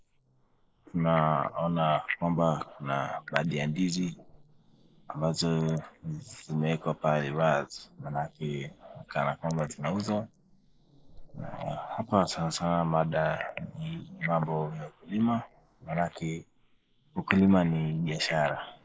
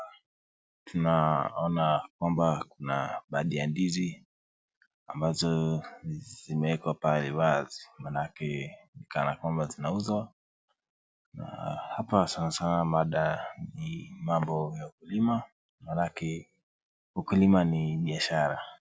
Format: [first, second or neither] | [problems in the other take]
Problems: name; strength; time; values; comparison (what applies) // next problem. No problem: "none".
second | noise reduction (neural mask model Resemble Enhance denoiser)